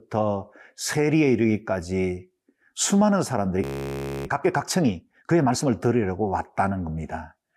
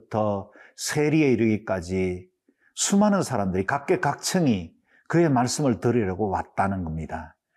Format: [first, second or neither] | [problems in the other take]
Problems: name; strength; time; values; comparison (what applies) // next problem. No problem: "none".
second | audio freezing; at 3.5 s for 0.5 s